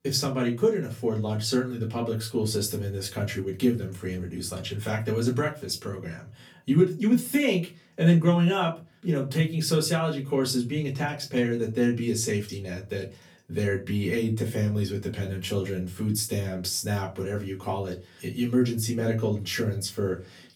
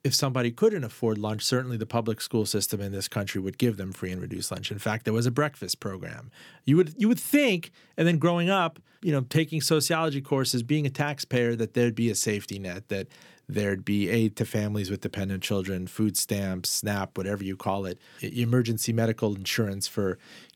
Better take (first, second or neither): second